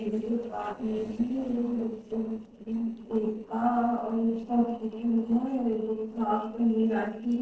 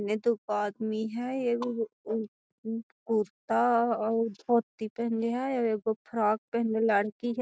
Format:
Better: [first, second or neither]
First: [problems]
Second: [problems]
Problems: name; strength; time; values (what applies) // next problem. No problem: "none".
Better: second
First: noise reduction (neural separator model SepFormer DNS4)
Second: none